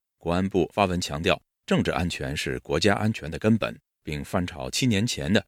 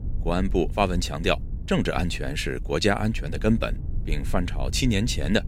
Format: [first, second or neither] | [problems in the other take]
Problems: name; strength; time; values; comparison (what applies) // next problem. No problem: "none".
first | low rumble; faint; throughout; 20 dB below the speech